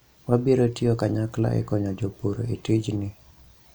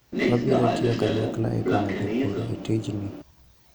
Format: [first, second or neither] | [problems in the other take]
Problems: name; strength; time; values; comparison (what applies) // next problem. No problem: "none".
first | background sound (Train); 1 dB above the speech